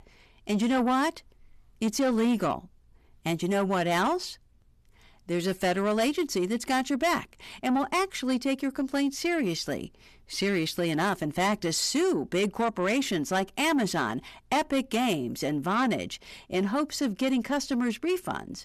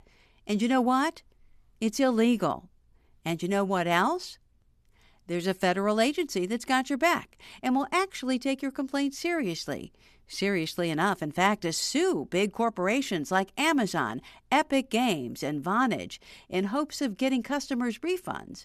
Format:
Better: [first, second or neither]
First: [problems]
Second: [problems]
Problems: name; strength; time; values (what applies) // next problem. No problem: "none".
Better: second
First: distortion; slight; 10 dB below the speech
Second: none